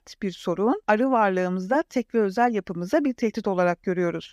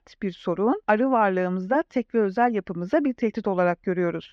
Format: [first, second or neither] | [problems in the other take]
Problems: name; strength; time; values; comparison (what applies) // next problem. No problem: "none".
first | muffled; slightly; fading above 3 kHz